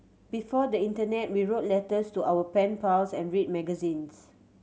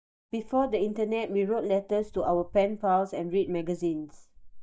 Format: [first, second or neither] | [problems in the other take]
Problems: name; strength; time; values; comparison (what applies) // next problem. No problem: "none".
first | noise reduction (neural mask model DeepFilterNet 3)